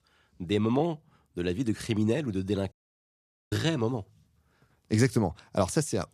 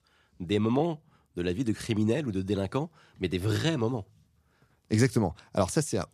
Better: second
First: audio cutting out; at 2.5 s for 1 s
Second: none

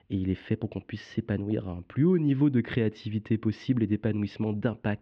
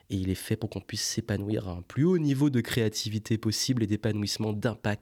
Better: second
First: muffled; very; fading above 3 kHz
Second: none

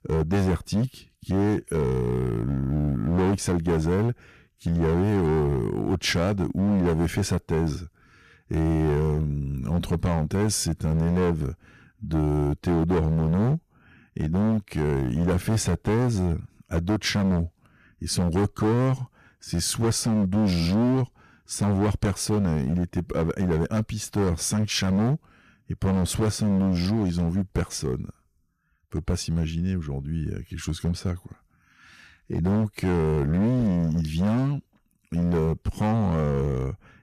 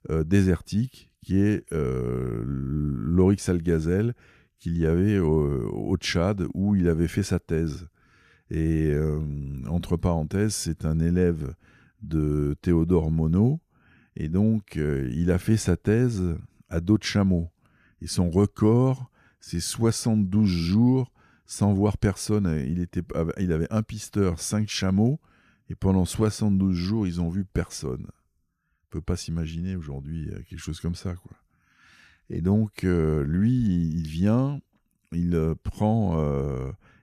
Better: second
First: distortion; heavy; 16% of the sound clipped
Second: none

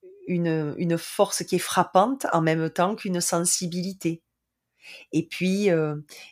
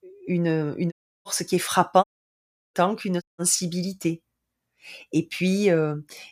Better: first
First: none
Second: audio cutting out; at 1 s, at 2 s for 0.5 s and at 3 s

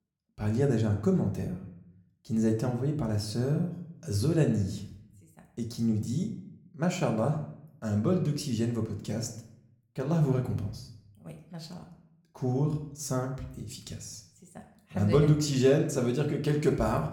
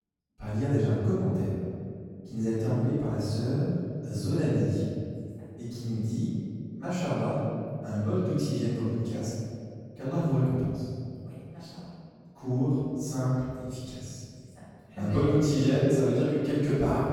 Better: first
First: room echo; slight; dies away in 0.5 s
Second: room echo; strong; dies away in 2.1 s // off-mic speech; far

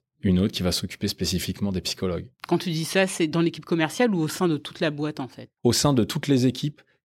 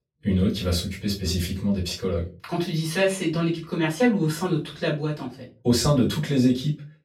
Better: first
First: none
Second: room echo; slight; dies away in 0.2 s // off-mic speech; far

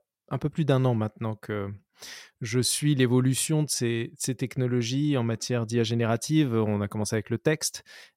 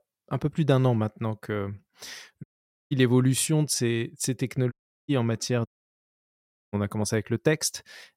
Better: first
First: none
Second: audio cutting out; at 2.5 s, at 4.5 s and at 5.5 s for 1 s

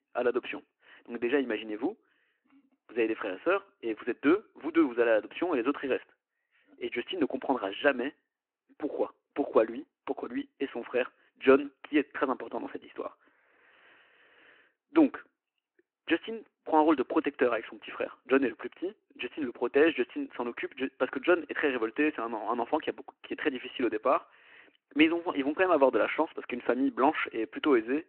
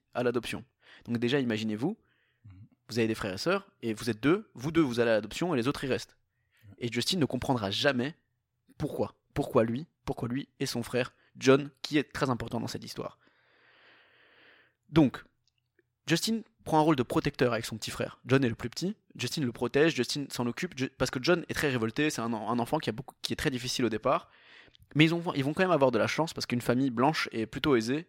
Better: second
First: phone-call audio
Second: none

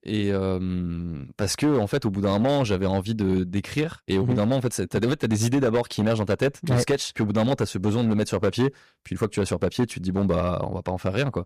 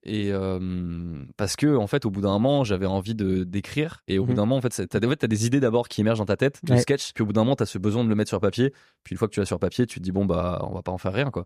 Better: second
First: distortion; slight; 8% of the sound clipped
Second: none

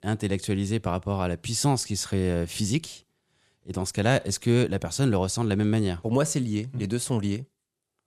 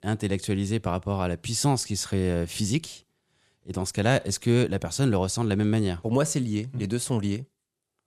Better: neither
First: none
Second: none

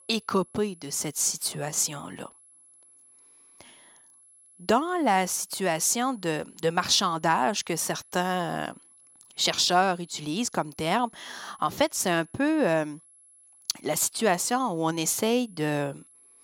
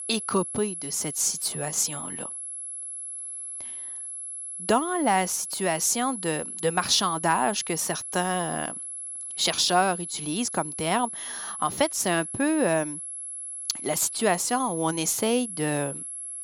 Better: first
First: high-pitched whine; faint; throughout; 11 kHz, 25 dB below the speech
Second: high-pitched whine; loud; throughout; 11 kHz, 7 dB below the speech

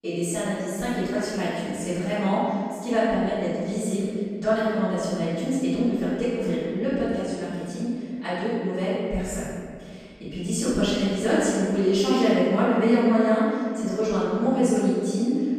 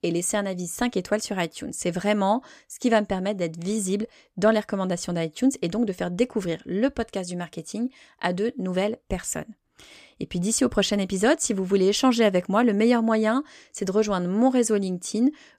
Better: second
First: off-mic speech; far // room echo; strong; dies away in 2 s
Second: none

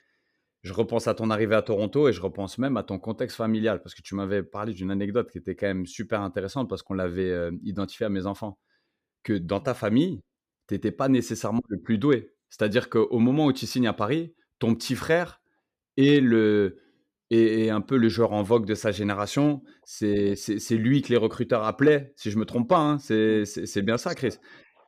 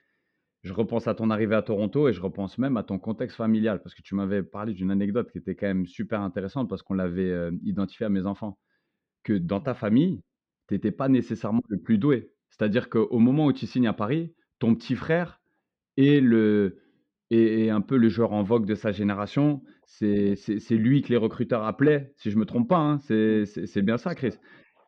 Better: first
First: none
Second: muffled; slightly; fading above 3.5 kHz

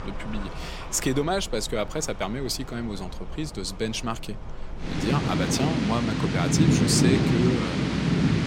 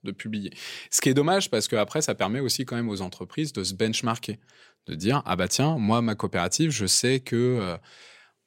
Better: second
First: rain or running water; very loud; throughout; 4 dB above the speech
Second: none

